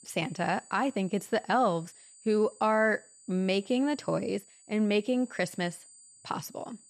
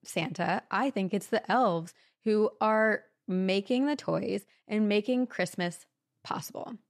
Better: second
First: high-pitched whine; faint; throughout; 8 kHz, 25 dB below the speech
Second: none

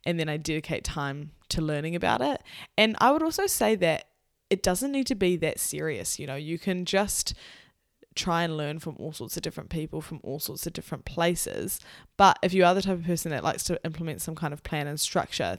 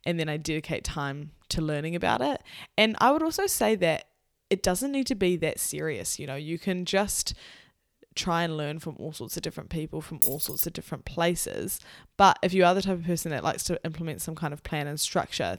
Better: first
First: none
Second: jangling keys; loud; at 10 s; peak 4 dB above the speech

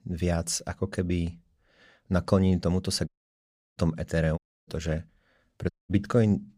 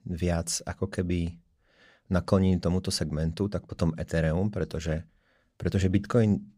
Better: second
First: audio cutting out; at 3 s for 0.5 s, at 4.5 s and at 5.5 s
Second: none

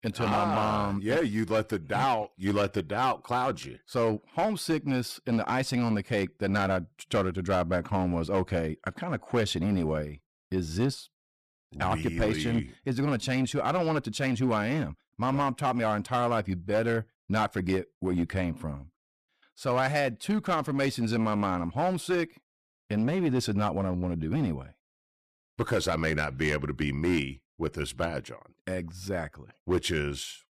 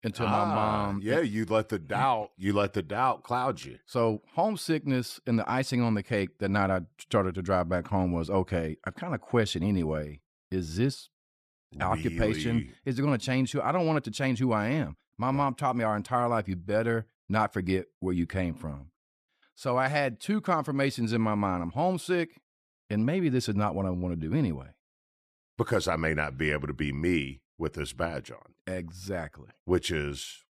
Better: second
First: distortion; slight; 7% of the sound clipped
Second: none

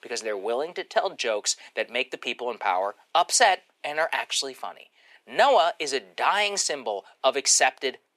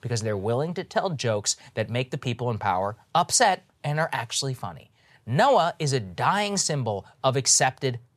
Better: second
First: thin; very; fading below 300 Hz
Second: none

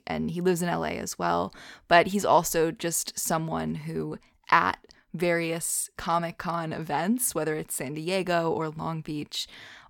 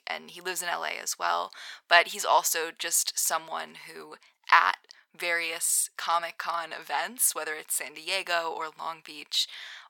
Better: first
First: none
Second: thin; very; fading below 1 kHz

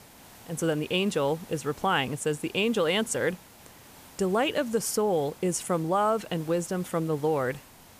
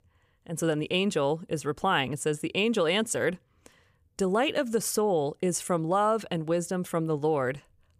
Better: second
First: hiss; faint; throughout; 20 dB below the speech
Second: none

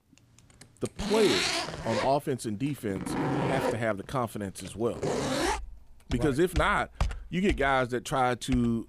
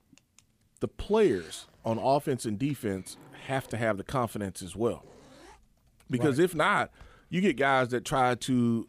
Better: second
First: household noises; loud; throughout; 3 dB below the speech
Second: household noises; faint; throughout; 30 dB below the speech

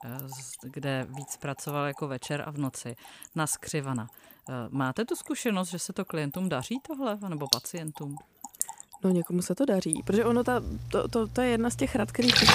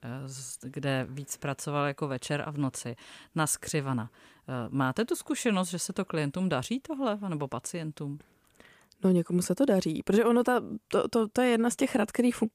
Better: second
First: rain or running water; loud; throughout; 1 dB below the speech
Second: none

